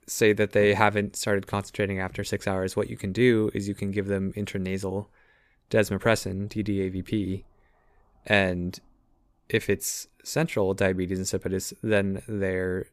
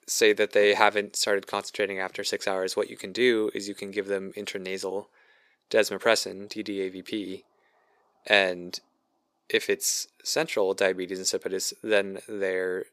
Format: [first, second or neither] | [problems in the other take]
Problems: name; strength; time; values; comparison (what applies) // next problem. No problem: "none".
first | thin; somewhat; fading below 400 Hz